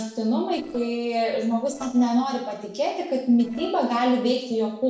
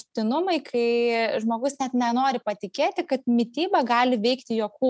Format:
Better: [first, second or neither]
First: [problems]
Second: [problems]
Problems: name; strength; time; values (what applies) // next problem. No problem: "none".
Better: second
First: noise reduction (neural separator model SepFormer DNS4)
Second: none